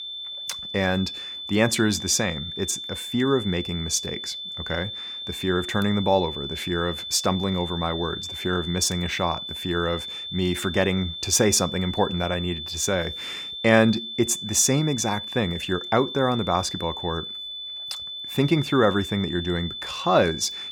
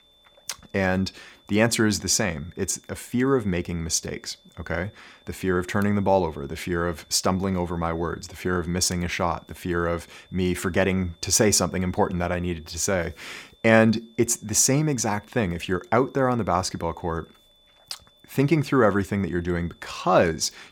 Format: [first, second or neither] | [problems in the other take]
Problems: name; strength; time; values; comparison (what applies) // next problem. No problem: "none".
second | high-pitched whine; loud; throughout; 3.5 kHz, 7 dB below the speech; faint in the second